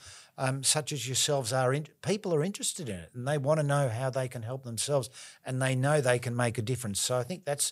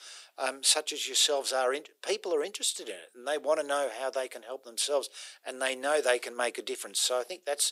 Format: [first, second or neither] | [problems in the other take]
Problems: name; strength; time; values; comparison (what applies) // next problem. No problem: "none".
first | thin; very; fading below 300 Hz